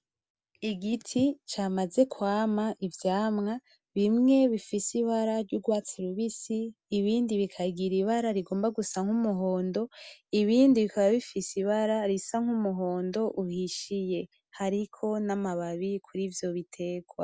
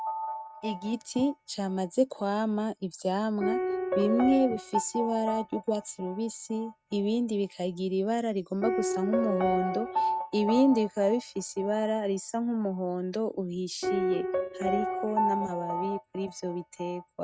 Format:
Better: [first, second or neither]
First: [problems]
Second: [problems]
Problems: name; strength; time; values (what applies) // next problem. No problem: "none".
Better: first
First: none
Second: noise reduction (neural mask model RNNoise)